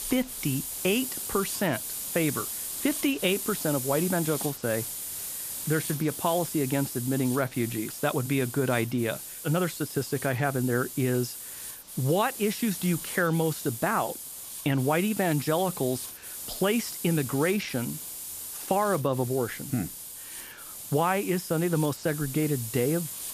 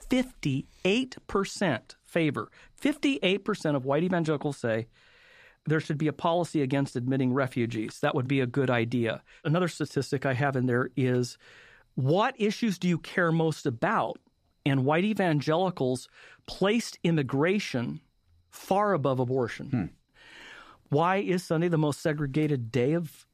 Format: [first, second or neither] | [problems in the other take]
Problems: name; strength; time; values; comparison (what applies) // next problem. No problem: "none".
second | hiss; loud; throughout; 7 dB below the speech